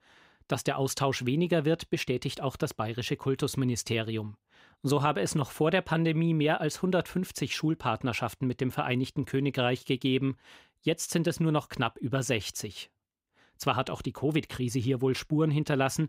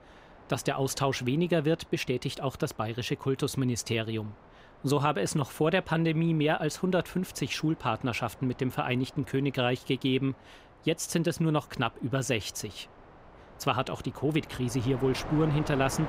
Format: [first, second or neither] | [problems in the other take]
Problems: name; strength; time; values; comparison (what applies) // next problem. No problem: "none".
first | wind noise on the microphone; occasional gusts; 15 dB below the speech